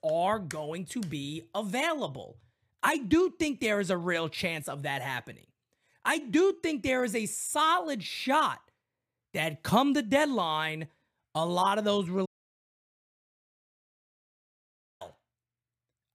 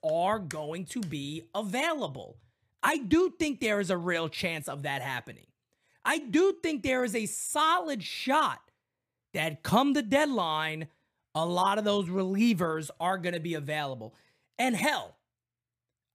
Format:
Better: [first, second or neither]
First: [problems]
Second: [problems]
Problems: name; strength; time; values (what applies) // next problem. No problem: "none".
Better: second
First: audio cutting out; at 12 s for 3 s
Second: none